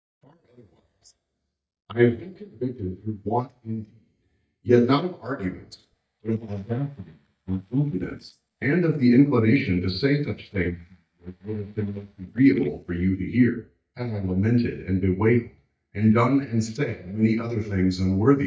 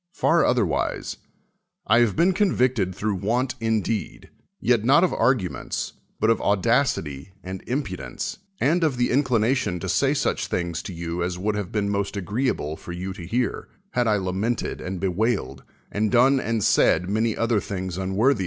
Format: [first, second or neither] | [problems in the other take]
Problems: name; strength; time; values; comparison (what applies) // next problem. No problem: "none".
second | noise reduction (neural mask model DeepFilterNet 3)